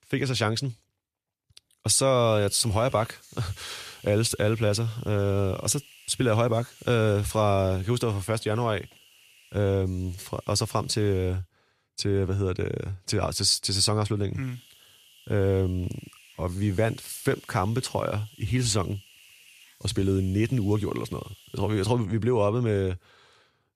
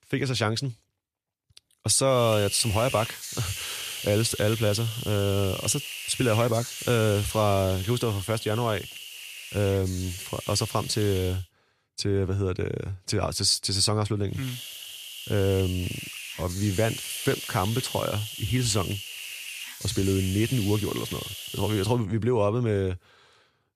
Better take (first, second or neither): first